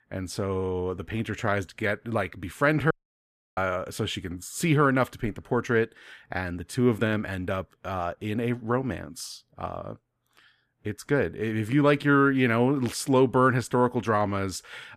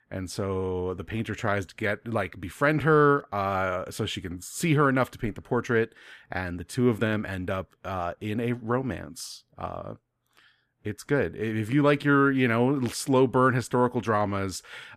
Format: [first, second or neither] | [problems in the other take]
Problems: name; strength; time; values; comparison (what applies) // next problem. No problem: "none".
second | audio cutting out; at 3 s for 0.5 s